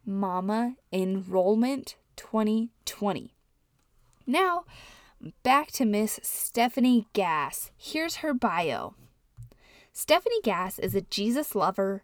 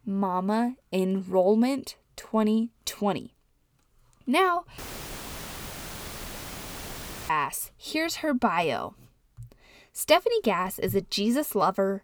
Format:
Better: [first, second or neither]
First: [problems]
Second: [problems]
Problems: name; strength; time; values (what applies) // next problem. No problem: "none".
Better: first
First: none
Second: audio cutting out; filled with static; at 5 s for 2.5 s